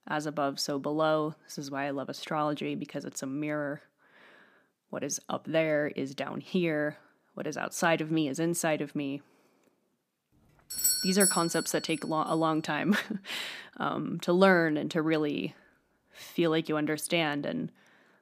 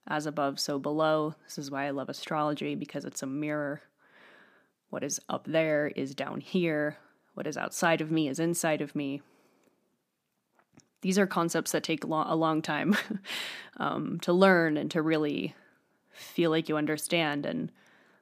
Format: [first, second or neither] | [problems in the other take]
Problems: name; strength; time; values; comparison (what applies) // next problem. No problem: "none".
second | doorbell; loud; at 11 s; peak 5 dB above the speech